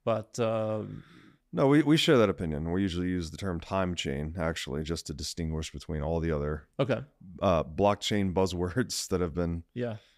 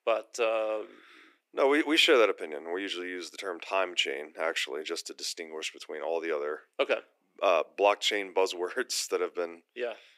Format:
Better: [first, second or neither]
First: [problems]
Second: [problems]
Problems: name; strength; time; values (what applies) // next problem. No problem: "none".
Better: first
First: none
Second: thin; very; fading below 350 Hz